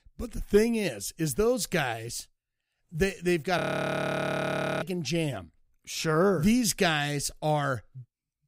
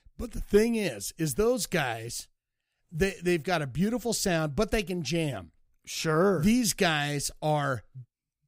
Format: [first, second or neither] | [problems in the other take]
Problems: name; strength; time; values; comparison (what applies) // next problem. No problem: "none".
second | audio freezing; at 3.5 s for 1 s